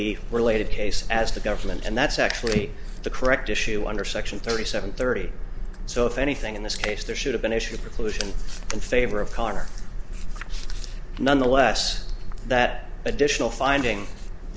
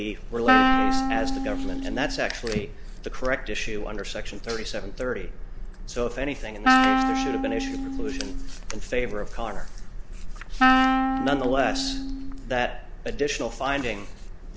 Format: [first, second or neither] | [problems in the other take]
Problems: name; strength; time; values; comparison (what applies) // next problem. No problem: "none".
first | background sound (Wind instrument, woodwind instrument); 3 dB above the speech